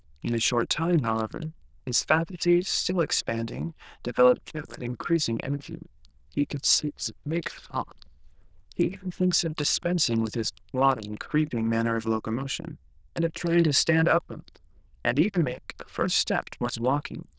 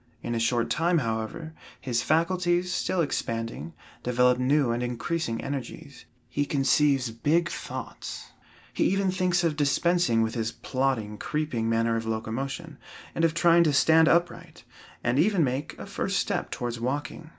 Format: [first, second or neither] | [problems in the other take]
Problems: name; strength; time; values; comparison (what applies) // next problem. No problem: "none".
second | noise reduction (neural diffusion model UNIVERSE++)